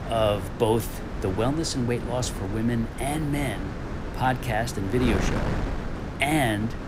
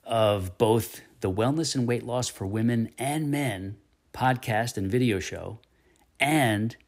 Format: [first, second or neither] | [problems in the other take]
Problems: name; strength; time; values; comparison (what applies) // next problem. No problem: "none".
second | wind noise on the microphone; heavy; 8 dB below the speech